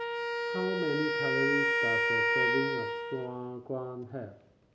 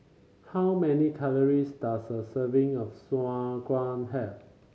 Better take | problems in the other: second | background sound (Wind instrument, woodwind instrument); 5 dB above the speech

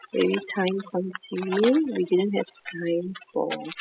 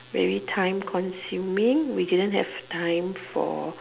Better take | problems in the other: second | noise reduction (classical method spectral subtraction)

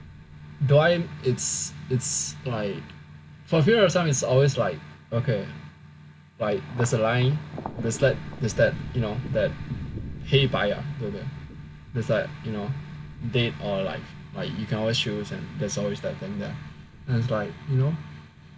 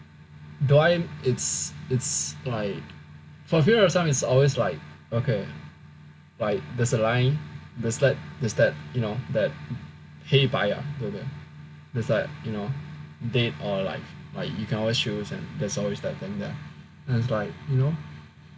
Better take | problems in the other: second | background sound (Thunder); 16 dB below the speech

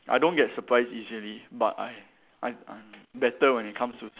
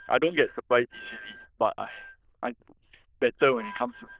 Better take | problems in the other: first | noise reduction (neural diffusion model UNIVERSE++)

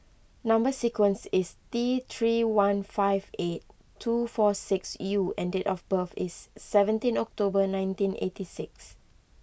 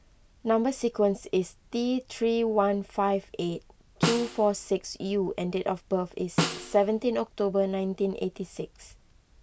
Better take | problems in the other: first | background sound (Snare drum); 6 dB below the speech

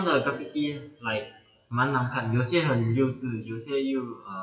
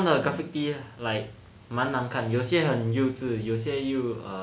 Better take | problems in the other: second | noise reduction (classical method WPE with log-MMSE)

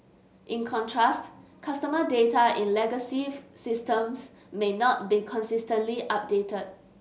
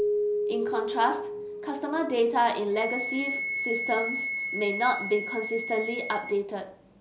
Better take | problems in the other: first | background sound (Keyboard (musical) + Wind instrument, woodwind instrument); 3 dB below the speech

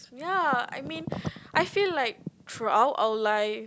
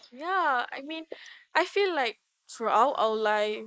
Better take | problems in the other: first | noise reduction (neural mask model Resemble Enhance denoiser)

